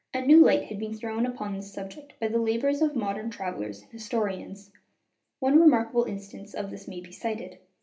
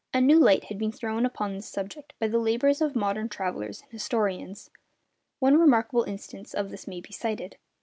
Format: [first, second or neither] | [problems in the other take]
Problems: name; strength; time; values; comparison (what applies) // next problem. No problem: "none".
second | room echo; dies away in 0.3 s